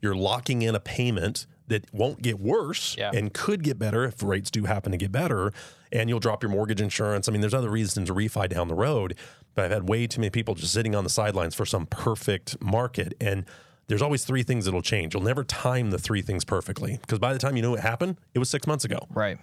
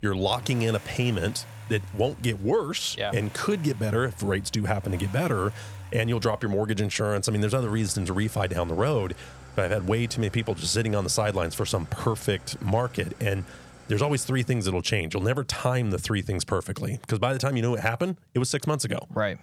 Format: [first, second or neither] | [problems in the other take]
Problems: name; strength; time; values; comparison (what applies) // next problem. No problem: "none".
first | traffic noise; noticeable; until 15 s; 20 dB below the speech